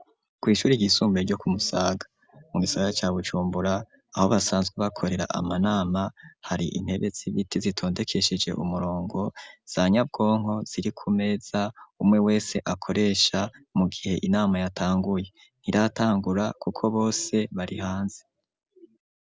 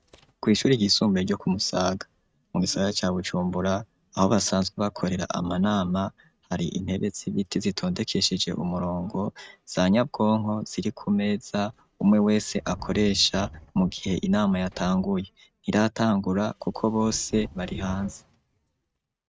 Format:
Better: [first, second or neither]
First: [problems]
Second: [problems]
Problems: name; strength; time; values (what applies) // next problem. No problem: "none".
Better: first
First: none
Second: noise reduction (neural mask model RNNoise)